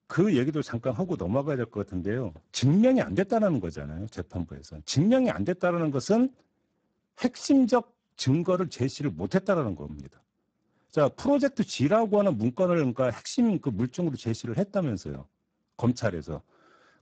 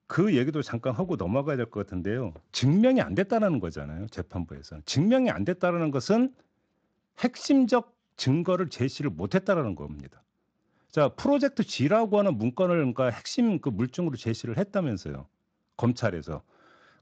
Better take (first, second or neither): second